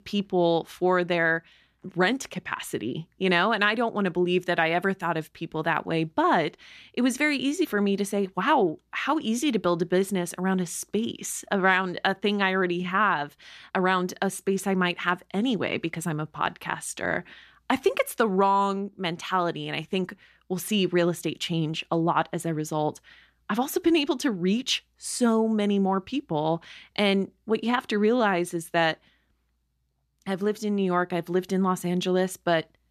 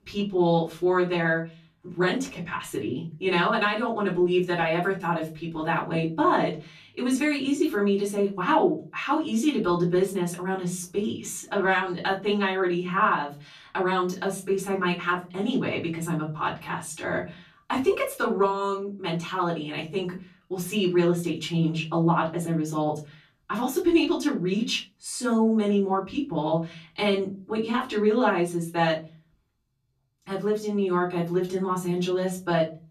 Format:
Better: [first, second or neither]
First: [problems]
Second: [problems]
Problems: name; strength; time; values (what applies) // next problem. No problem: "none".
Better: first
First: none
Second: off-mic speech; far // room echo; very slight; dies away in 0.3 s